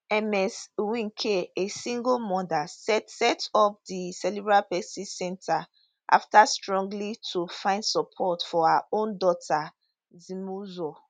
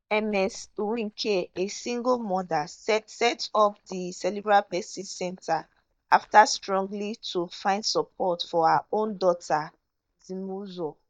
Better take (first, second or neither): first